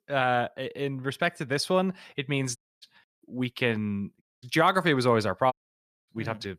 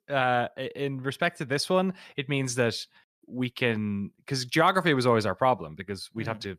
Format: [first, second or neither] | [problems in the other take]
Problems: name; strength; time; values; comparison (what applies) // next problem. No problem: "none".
second | audio cutting out; at 2.5 s, at 4 s and at 5.5 s for 0.5 s